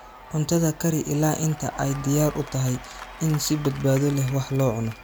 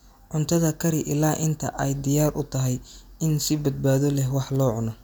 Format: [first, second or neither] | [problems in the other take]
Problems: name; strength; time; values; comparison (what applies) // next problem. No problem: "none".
second | background sound (Applause / Crowd / Cheering); 18 dB below the speech